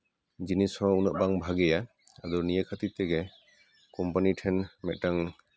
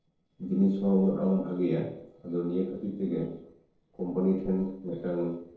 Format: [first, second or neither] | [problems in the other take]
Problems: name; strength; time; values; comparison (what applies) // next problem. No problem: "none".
first | noise reduction (neural separator model SepFormer DNS4)